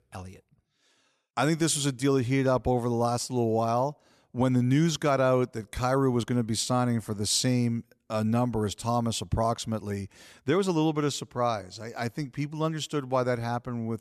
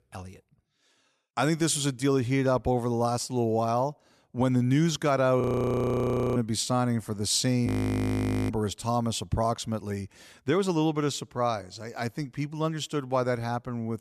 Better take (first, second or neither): first